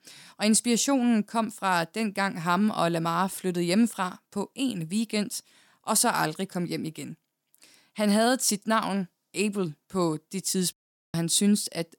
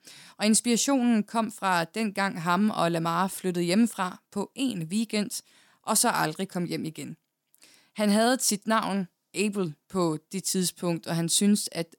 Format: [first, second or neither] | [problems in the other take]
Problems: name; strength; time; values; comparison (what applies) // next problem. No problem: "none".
second | audio cutting out; at 11 s